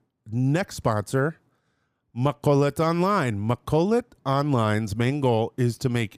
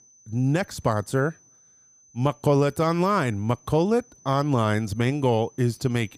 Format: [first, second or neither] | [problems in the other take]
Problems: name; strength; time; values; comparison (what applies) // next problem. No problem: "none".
first | high-pitched whine; faint; throughout; 6 kHz, 30 dB below the speech